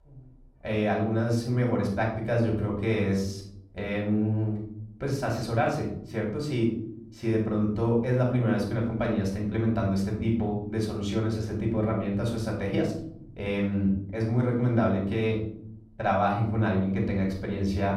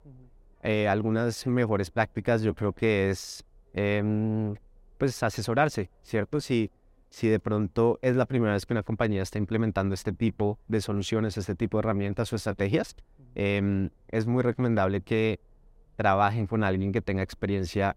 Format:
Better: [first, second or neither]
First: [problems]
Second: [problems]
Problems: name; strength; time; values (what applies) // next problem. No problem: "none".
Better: second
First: off-mic speech; far // room echo; noticeable; dies away in 0.7 s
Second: none